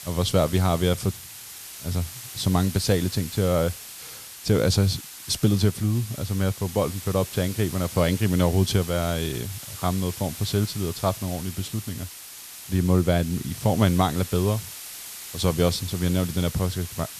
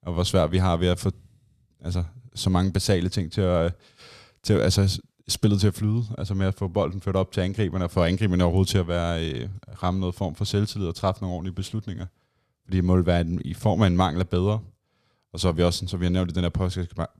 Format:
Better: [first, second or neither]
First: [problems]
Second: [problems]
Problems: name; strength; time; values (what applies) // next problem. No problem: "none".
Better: second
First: hiss; noticeable; throughout; 10 dB below the speech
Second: none